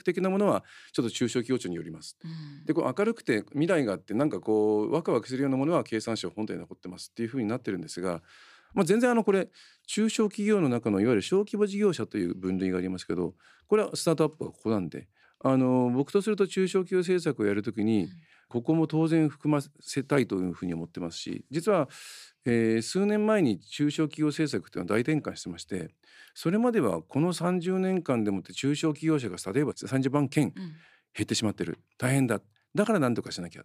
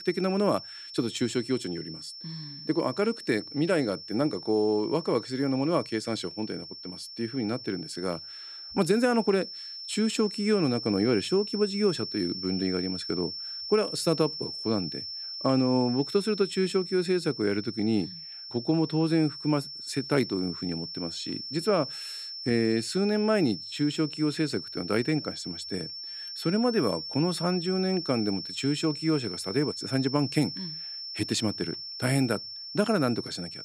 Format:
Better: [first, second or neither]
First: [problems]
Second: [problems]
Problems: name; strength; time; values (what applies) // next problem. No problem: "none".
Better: first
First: none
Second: high-pitched whine; loud; throughout; 5.5 kHz, 8 dB below the speech